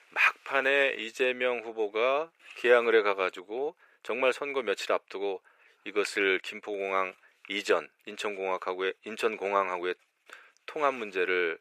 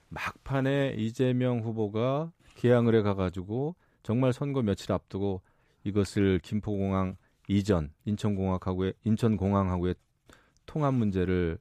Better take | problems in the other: second | thin; very; fading below 400 Hz

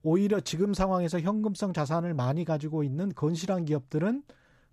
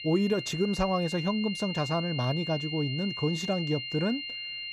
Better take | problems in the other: first | high-pitched whine; loud; throughout; 3 kHz, 5 dB below the speech

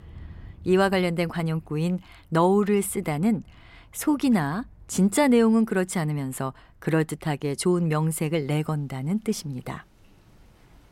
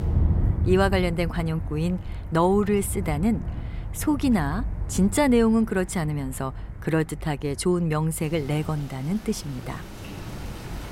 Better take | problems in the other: first | rain or running water; loud; throughout; 8 dB below the speech; faint in the first

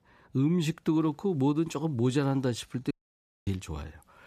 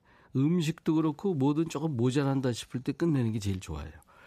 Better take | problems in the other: second | audio cutting out; at 3 s for 0.5 s

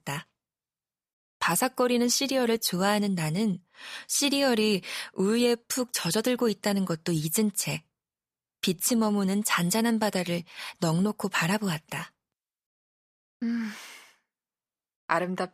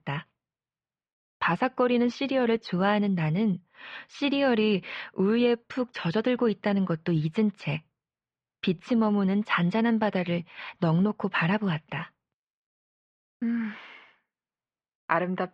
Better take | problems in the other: first | muffled; very; fading above 3 kHz

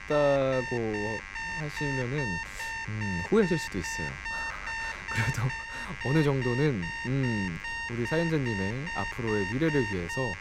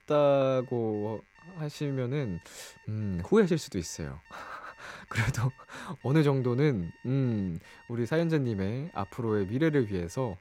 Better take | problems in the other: second | alarms or sirens; loud; throughout; 4 dB below the speech; faint in the second

